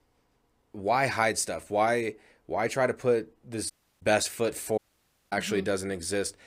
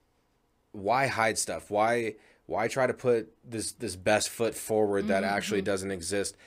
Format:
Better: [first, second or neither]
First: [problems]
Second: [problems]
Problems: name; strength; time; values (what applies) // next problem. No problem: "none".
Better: second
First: audio cutting out; at 3.5 s and at 5 s for 0.5 s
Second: none